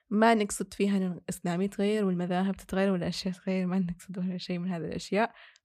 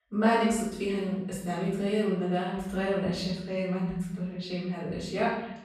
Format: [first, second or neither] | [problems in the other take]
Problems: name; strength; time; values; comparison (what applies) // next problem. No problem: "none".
first | off-mic speech; far // room echo; noticeable; dies away in 0.8 s